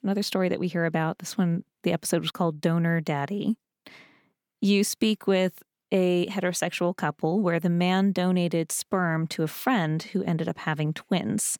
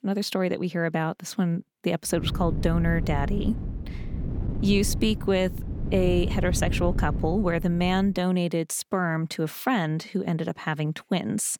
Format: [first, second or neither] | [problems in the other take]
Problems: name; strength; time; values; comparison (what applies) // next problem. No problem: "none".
first | wind noise on the microphone; occasional gusts; from 2 to 8 s; 15 dB below the speech